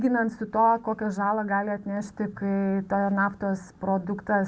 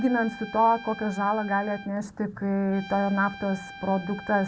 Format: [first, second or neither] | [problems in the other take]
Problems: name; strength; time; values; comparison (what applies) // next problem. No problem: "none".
first | background sound (Trumpet); 16 dB below the speech